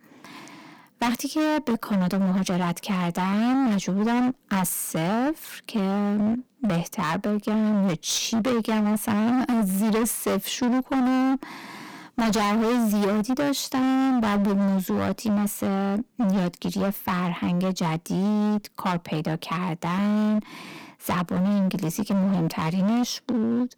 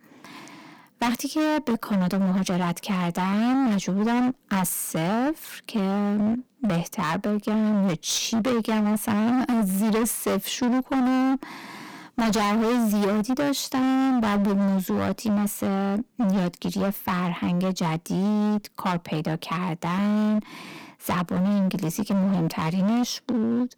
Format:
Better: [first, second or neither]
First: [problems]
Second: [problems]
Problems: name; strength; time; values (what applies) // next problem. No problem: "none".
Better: neither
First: distortion; heavy; 30% of the sound clipped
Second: distortion; heavy; 30% of the sound clipped